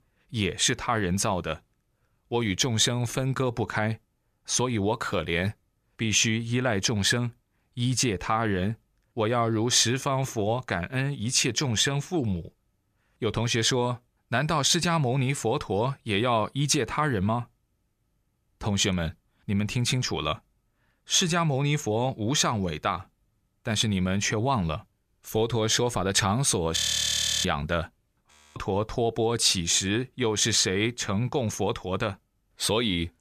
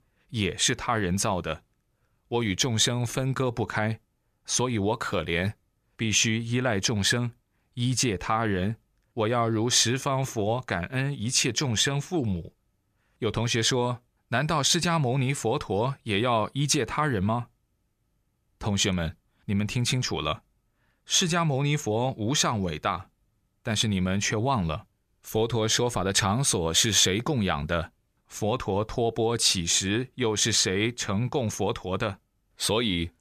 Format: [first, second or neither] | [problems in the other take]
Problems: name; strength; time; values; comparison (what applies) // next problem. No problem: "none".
second | audio freezing; at 27 s for 0.5 s and at 28 s